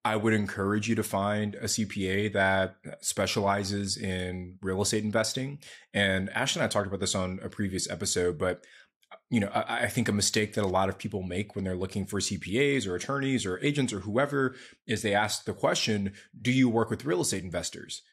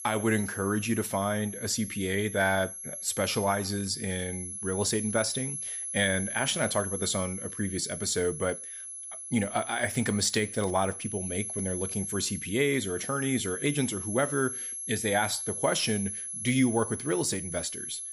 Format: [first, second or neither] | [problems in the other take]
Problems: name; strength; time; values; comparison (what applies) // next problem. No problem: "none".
first | high-pitched whine; loud; throughout; 11 kHz, 6 dB below the speech